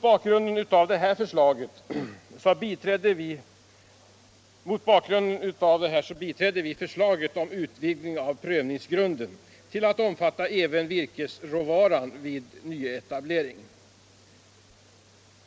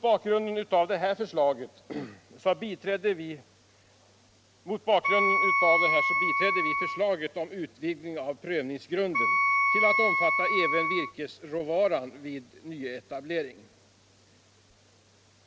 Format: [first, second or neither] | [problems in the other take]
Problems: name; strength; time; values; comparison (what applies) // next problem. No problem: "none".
first | background sound (Wind instrument, woodwind instrument); 5 dB above the speech